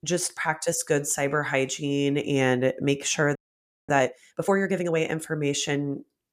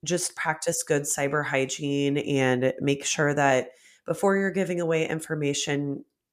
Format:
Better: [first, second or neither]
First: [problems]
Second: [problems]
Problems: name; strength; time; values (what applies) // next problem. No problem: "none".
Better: second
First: audio freezing; at 3.5 s for 0.5 s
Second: none